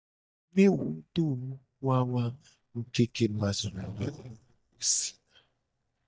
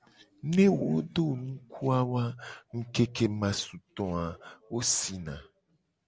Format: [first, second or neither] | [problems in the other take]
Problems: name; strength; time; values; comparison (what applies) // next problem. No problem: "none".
second | noise reduction (neural mask model DeepFilterNet 3)